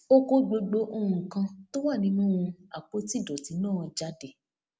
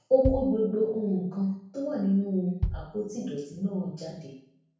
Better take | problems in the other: first | background sound (Bass drum); 9 dB below the speech // room echo; dies away in 0.6 s

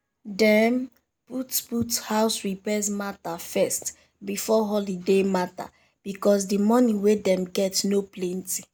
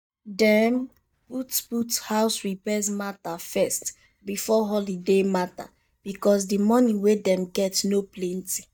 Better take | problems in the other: first | noise reduction (neural mask model DeepFilterNet 3)

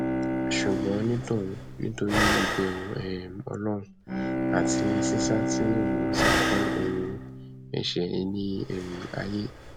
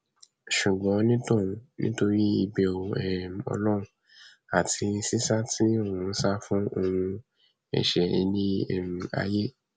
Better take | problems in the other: second | background sound (Bowed string instrument + Breathing); 2 dB above the speech

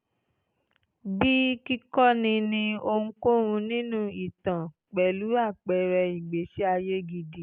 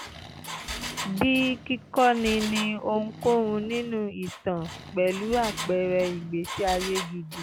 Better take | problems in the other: first | background sound (Accelerating, revving, vroom + Engine); 11 dB below the speech

